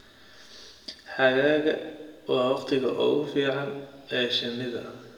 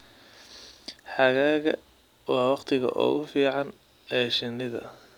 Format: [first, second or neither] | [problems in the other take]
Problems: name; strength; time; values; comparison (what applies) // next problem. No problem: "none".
second | room echo; dies away in 1.3 s